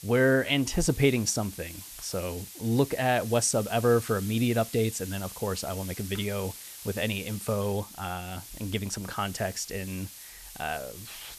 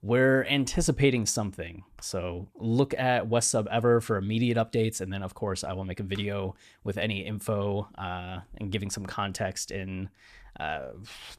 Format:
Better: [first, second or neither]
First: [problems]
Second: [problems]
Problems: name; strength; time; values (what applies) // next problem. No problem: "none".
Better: second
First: hiss; noticeable; throughout; 15 dB below the speech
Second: none